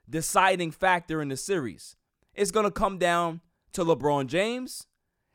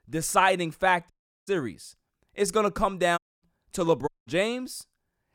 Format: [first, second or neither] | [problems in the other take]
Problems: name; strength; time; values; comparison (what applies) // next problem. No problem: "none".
first | audio cutting out; at 1 s, at 3 s and at 4 s